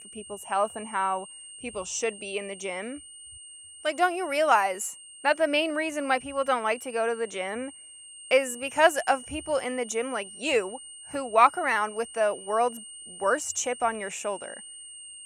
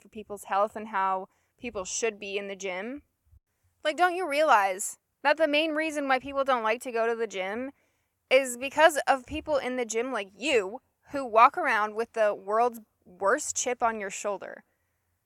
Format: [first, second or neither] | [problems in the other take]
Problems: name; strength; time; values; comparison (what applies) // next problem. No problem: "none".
second | high-pitched whine; noticeable; throughout; 8.5 kHz, 15 dB below the speech